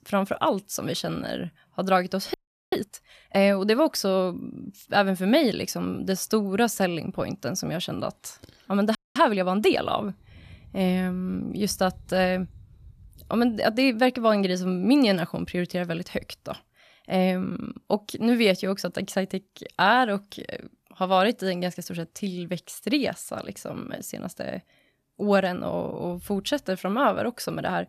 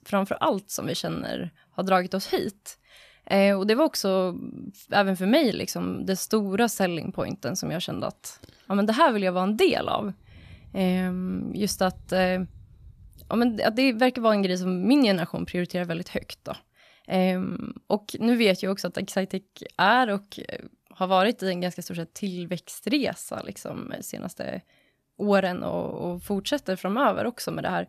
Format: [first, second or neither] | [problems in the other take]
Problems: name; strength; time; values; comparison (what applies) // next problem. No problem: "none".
second | audio freezing; at 2.5 s and at 9 s